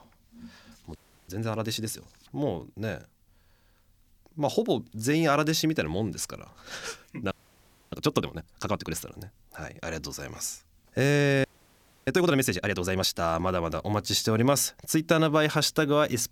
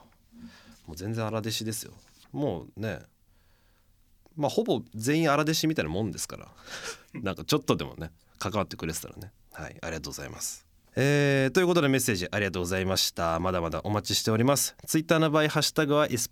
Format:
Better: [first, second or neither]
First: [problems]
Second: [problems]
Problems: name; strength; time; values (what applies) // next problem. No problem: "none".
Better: second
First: audio freezing; at 1 s, at 7.5 s for 0.5 s and at 11 s for 0.5 s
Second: none